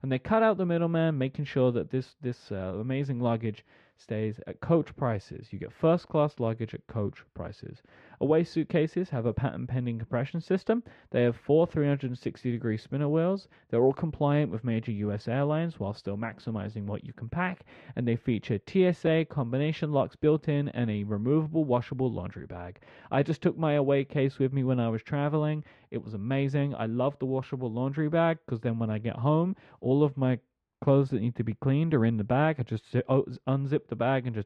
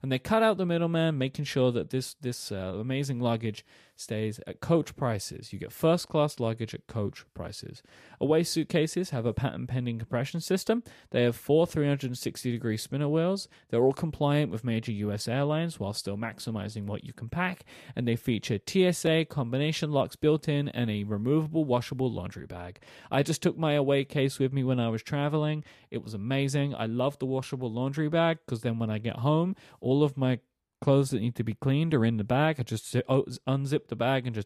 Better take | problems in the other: second | muffled; slightly; fading above 2 kHz

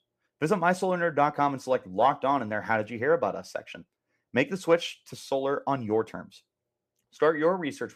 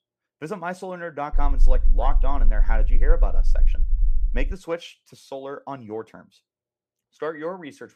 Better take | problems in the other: first | low rumble; faint; from 1.5 to 4.5 s; 20 dB below the speech

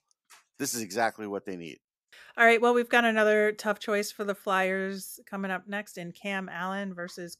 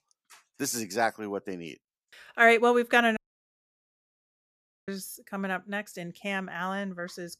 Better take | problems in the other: first | audio cutting out; at 3 s for 1.5 s

